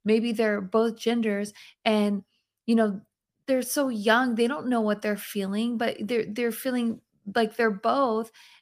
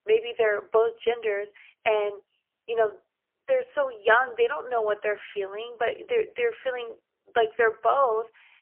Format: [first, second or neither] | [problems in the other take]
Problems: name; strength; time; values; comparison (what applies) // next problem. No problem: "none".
first | phone-call audio; poor line; nothing above 3 kHz